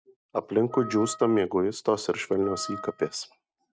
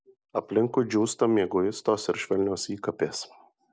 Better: second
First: noise reduction (neural mask model RNNoise)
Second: none

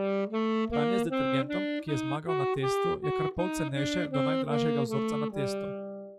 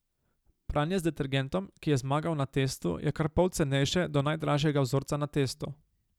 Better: second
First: noise reduction (classical method log-MMSE)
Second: none

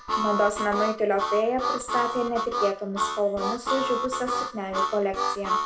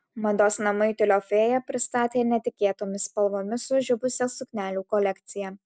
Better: second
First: background sound (Harmonica); 1 dB below the speech // room echo; dies away in 0.4 s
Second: none

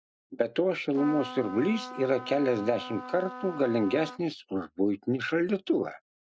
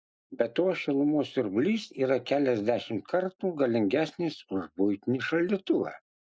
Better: second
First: background sound (Trumpet); 12 dB below the speech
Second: none

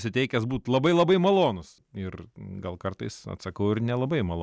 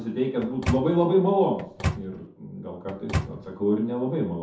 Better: first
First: none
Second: background sound (Microwave oven); 6 dB below the speech // room echo; dies away in 0.5 s

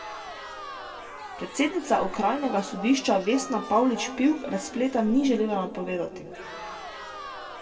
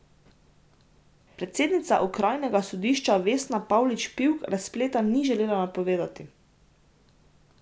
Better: second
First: background sound (Crowd); 14 dB below the speech // room echo; dies away in 1.7 s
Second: none

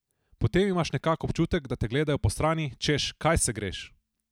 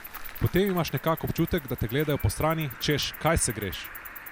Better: first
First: none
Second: background sound (Cricket); 13 dB below the speech

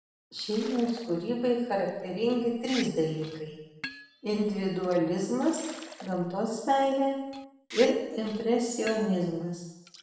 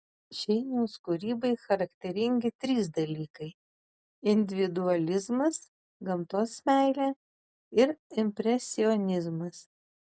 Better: second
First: background sound (Liquid); 17 dB below the speech // room echo; dies away in 0.9 s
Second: none

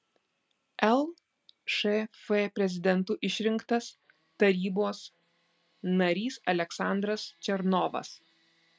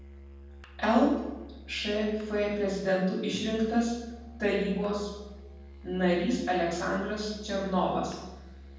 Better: first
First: none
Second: background sound (Musical instrument); 17 dB below the speech // room echo; dies away in 1.2 s

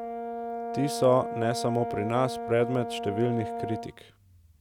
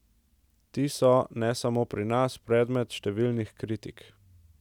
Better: second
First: background sound (Brass instrument); 6 dB below the speech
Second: none

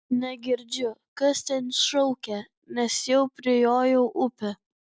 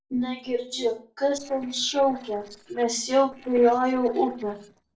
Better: first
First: none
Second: noise reduction (neural separator model SepFormer DNS4)

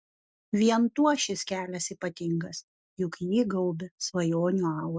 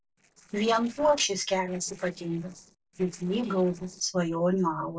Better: first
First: none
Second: noise reduction (neural separator model SepFormer DNS4)

